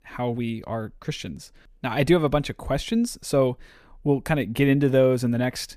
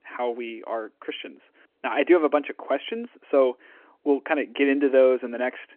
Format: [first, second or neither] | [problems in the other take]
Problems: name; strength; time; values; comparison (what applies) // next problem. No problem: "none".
first | phone-call audio